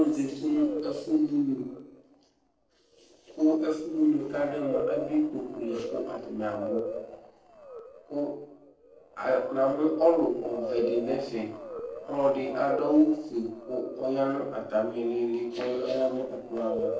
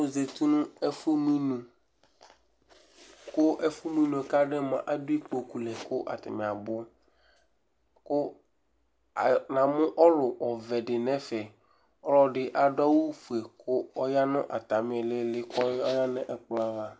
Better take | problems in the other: second | noise reduction (neural separator model SepFormer DNS4)

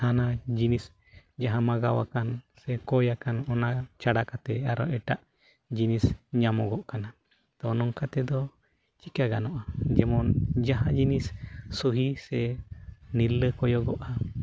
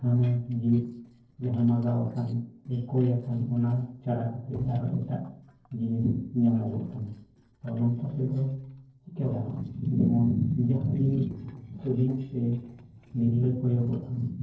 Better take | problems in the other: first | noise reduction (neural separator model SepFormer DNS4)

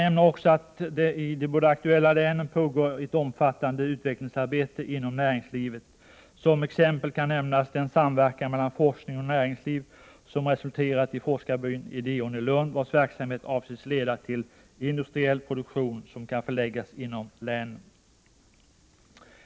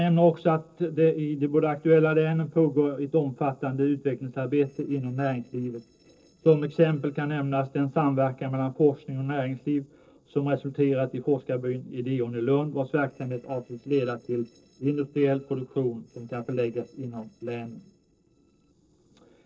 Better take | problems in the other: first | noise reduction (neural separator model SepFormer DNS4)

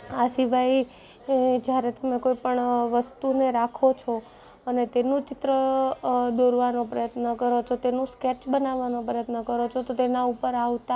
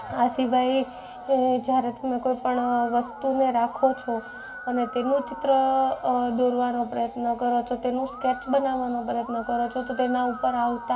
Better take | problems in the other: first | background sound (Musical instrument); 15 dB below the speech // room echo; dies away in 3 s

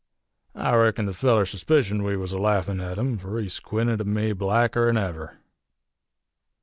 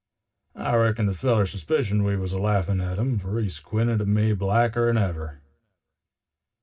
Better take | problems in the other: first | room echo; dies away in 0.4 s

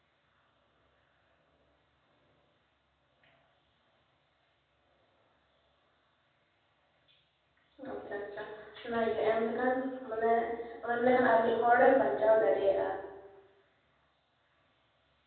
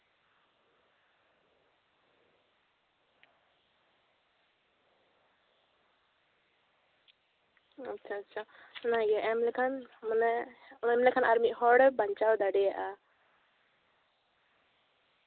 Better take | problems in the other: second | room echo; dies away in 1.2 s

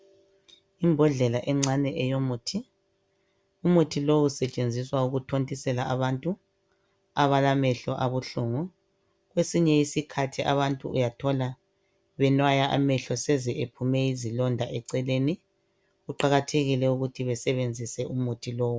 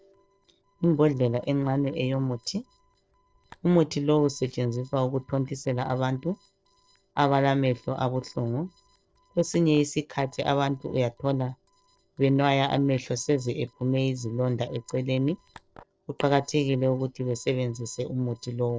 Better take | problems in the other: first | noise reduction (neural separator model SepFormer DNS4)

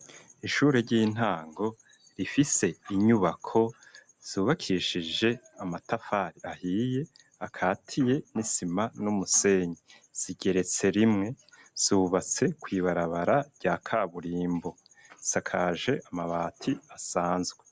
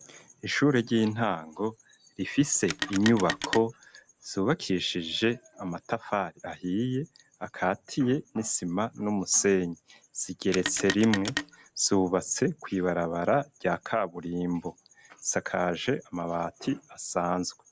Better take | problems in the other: first | background sound (Telephone); 7 dB below the speech

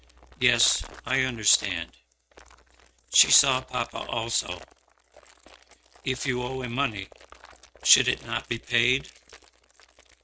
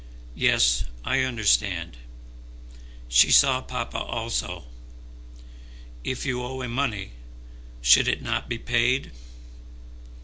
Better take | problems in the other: second | noise reduction (neural mask model RNNoise)

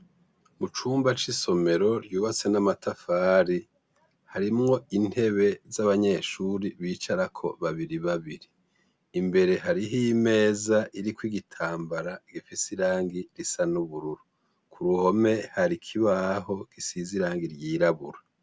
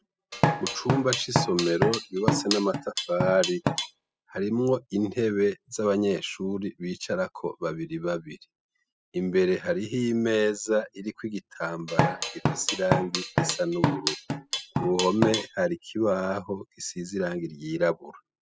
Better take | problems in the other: first | noise reduction (classical method spectral subtraction)

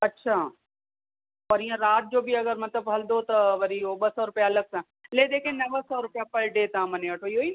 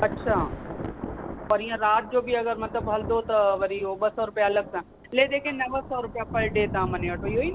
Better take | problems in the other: first | background sound (Thunder / Rain); 10 dB below the speech

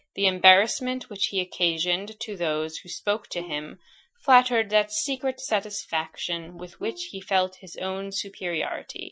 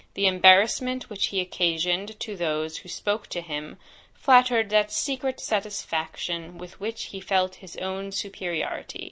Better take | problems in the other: second | noise reduction (classical method Wiener filter)

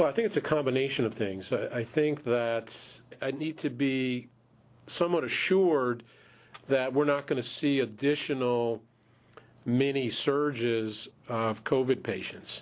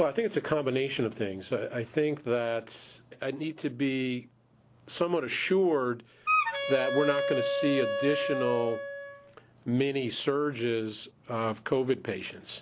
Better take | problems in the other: first | background sound (Wind instrument, woodwind instrument); as loud as the speech

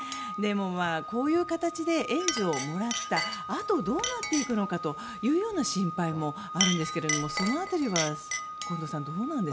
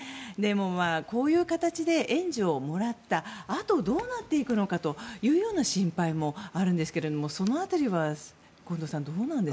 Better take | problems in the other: second | background sound (Organ + Chink, clink); 5 dB below the speech

